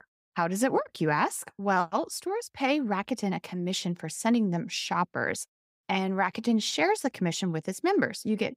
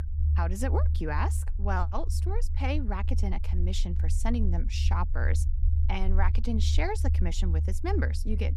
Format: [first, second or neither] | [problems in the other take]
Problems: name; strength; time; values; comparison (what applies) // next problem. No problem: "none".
first | low rumble; noticeable; throughout; 10 dB below the speech